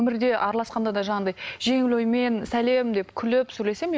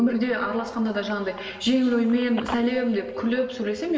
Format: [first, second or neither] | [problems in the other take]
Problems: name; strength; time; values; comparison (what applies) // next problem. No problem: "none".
first | background sound (Telephone); 19 dB below the speech // room echo; dies away in 2.1 s